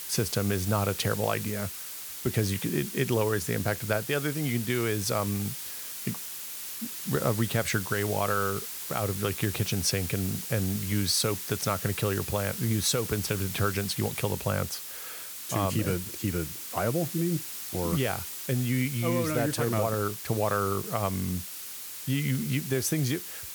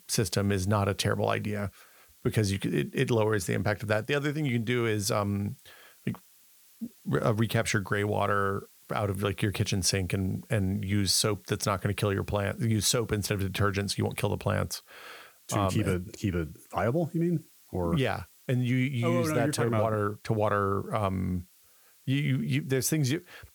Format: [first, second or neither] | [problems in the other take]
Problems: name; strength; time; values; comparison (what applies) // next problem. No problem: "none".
second | hiss; loud; throughout; 6 dB below the speech; faint in the second